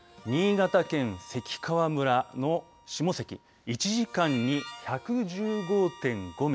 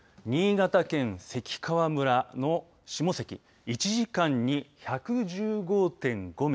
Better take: second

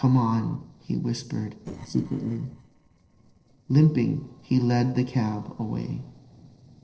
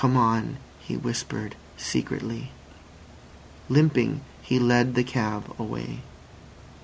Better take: second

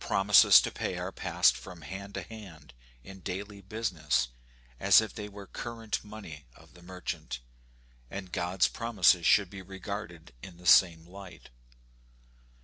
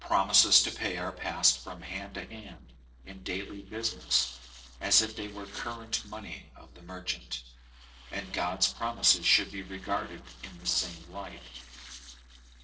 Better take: first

